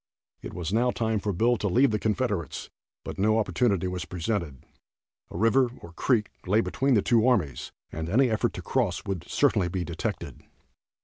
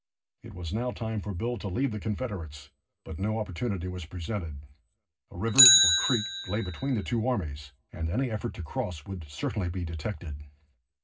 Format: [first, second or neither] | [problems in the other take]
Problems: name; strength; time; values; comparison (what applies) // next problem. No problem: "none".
first | background sound (Bicycle); 1 dB below the speech // room echo; dies away in 0.4 s